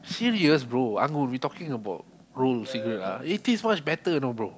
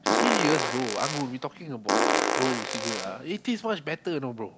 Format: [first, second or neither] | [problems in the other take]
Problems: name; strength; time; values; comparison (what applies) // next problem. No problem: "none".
first | background sound (Fart); 3 dB above the speech